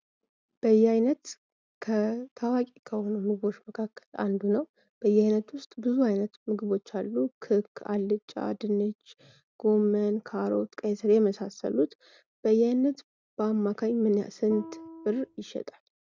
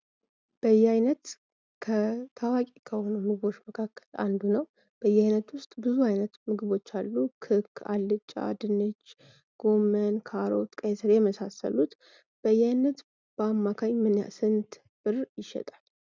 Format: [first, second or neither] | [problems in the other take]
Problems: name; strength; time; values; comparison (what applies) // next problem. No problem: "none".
second | background sound (Guitar); 15 dB below the speech